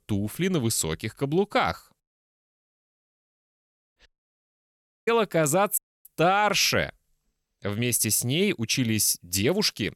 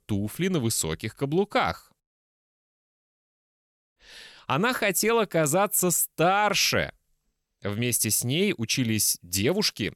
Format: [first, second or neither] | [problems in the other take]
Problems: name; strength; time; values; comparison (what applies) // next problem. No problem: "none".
second | audio cutting out; at 4 s for 1 s and at 6 s